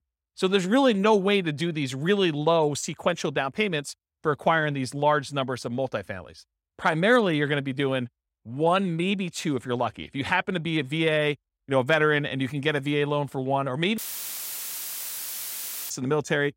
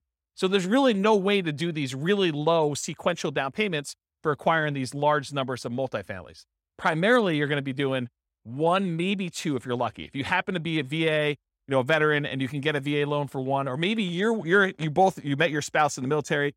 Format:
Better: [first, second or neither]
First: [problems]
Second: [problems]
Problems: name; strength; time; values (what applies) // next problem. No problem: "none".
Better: second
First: audio cutting out; filled with static; at 14 s for 2 s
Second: none